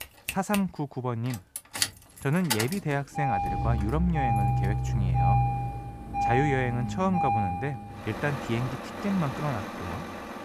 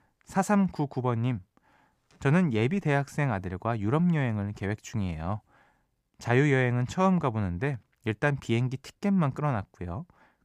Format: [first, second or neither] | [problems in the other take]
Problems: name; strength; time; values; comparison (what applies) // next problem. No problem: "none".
second | traffic noise; very loud; throughout; as loud as the speech